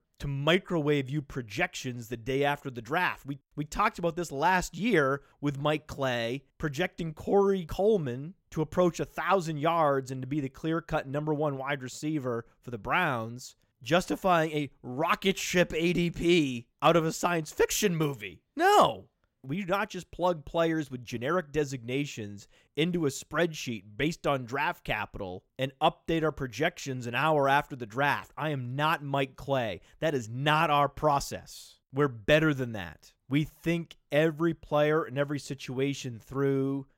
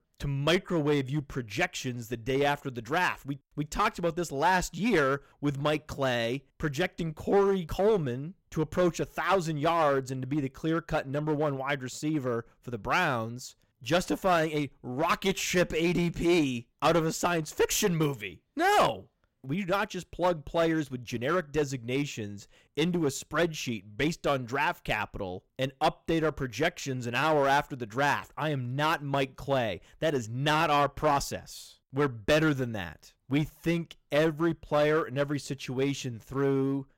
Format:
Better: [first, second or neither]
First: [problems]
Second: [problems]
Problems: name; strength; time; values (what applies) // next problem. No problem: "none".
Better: first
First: none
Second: distortion; slight; 5% of the sound clipped